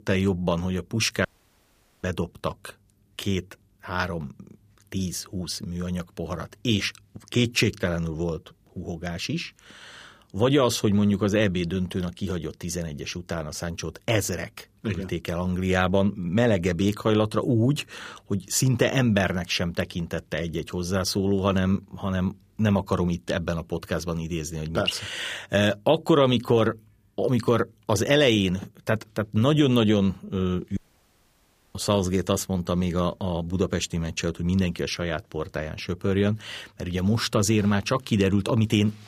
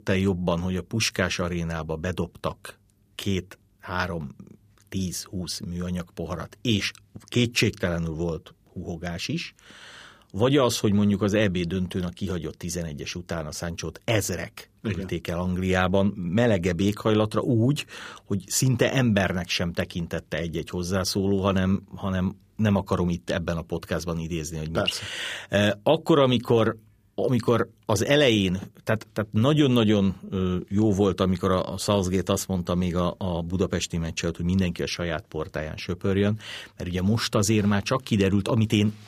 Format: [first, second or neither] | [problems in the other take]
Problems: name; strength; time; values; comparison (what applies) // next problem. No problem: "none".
second | audio cutting out; at 1.5 s for 1 s and at 31 s for 1 s